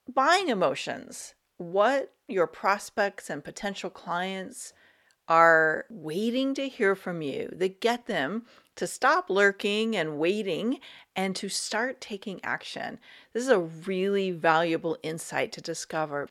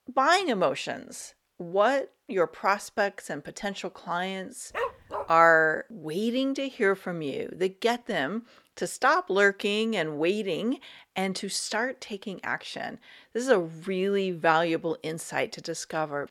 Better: first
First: none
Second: dog barking; noticeable; at 4.5 s; peak 6 dB below the speech

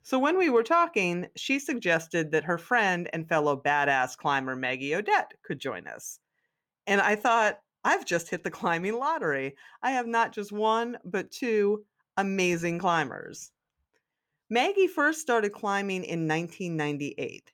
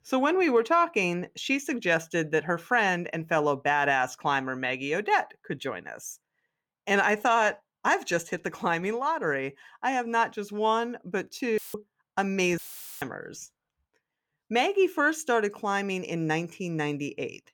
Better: first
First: none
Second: audio cutting out; filled with static; at 12 s and at 13 s

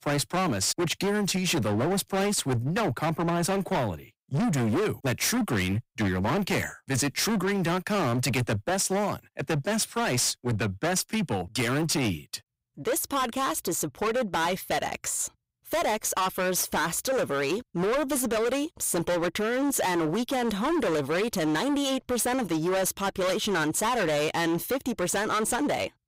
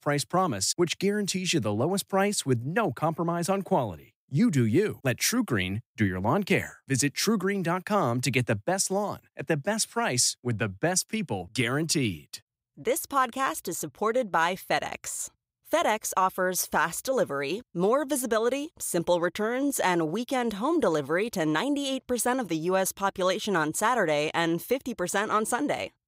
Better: second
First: distortion; heavy; 27% of the sound clipped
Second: none

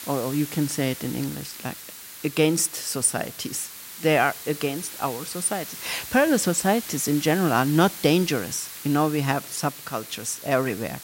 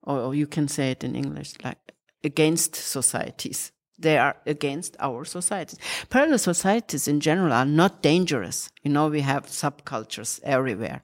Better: second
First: hiss; noticeable; throughout; 10 dB below the speech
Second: none

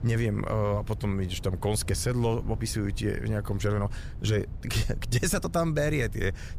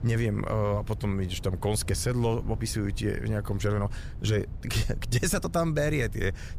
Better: neither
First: low rumble; faint; throughout; 20 dB below the speech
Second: low rumble; faint; throughout; 20 dB below the speech

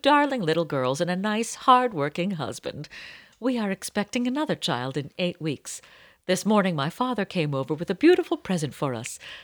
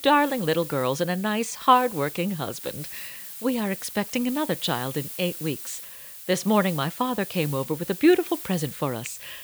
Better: first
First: none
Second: hiss; noticeable; throughout; 10 dB below the speech

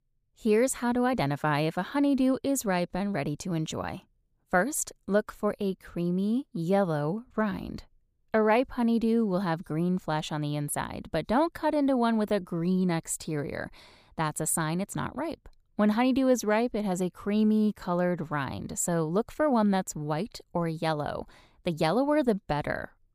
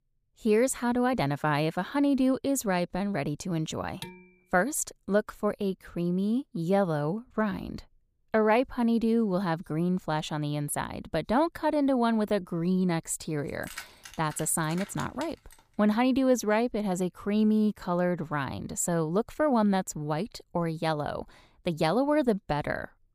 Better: first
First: none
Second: clattering dishes; faint; at 4 s; peak 15 dB below the speech // jangling keys; faint; from 14 to 16 s; peak 15 dB below the speech

